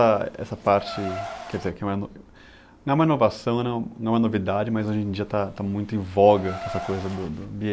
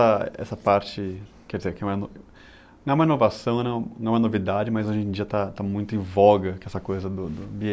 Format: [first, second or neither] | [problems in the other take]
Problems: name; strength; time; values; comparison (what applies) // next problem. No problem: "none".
second | background sound (Car); 16 dB below the speech